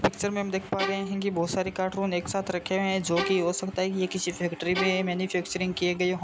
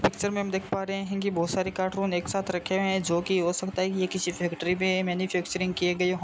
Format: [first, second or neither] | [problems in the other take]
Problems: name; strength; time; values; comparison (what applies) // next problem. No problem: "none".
second | background sound (Bowed string instrument); 10 dB below the speech